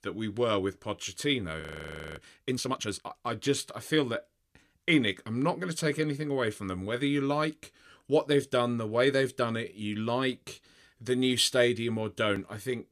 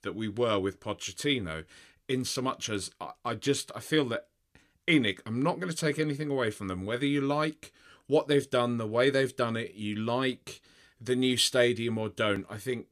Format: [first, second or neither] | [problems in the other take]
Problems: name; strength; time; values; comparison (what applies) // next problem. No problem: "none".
second | audio freezing; at 1.5 s for 0.5 s